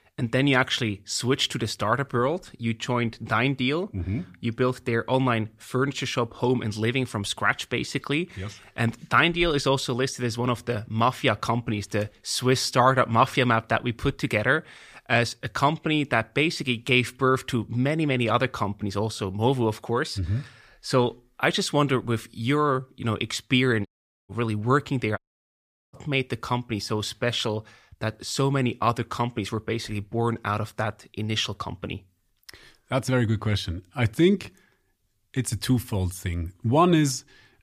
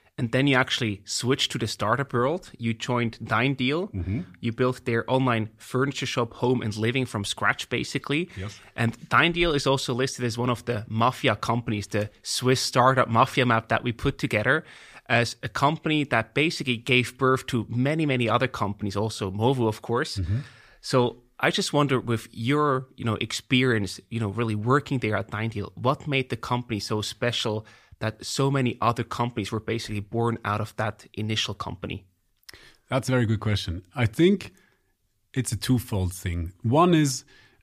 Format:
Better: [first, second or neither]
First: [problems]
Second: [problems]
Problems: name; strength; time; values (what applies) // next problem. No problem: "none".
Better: second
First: audio cutting out; at 24 s and at 25 s for 1 s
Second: none